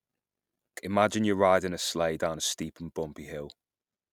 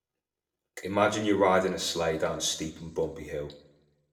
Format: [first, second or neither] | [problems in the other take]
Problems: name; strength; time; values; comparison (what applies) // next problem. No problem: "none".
first | room echo; dies away in 0.6 s